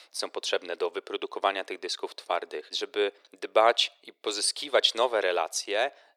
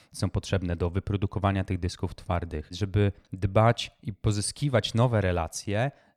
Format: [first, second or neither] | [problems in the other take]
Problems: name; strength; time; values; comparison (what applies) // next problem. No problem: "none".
second | thin; very; fading below 400 Hz